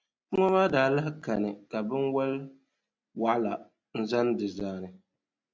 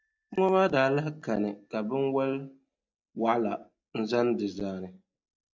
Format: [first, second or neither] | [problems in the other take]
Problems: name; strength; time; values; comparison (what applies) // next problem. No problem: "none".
first | noise reduction (neural mask model DeepFilterNet 3)